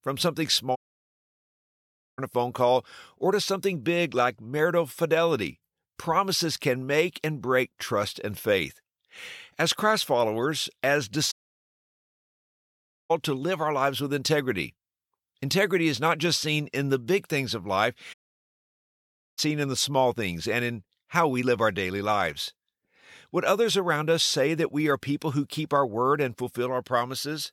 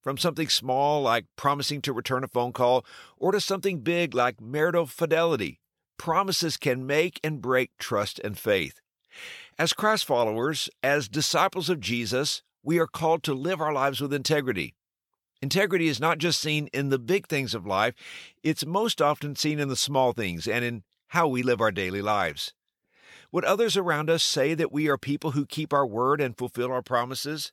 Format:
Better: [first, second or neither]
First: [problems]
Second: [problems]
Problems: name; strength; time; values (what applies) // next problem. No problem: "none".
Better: second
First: audio cutting out; at 1 s for 1.5 s, at 11 s for 2 s and at 18 s for 1 s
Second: none